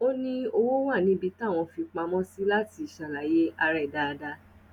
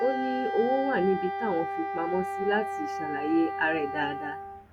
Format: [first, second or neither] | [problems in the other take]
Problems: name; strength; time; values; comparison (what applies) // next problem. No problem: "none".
first | background sound (Wind instrument, woodwind instrument); 4 dB below the speech